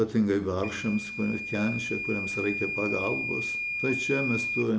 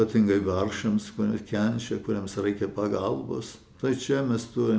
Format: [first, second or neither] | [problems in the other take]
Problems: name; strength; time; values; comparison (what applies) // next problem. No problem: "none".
second | background sound (Microwave oven / Alarm); 4 dB below the speech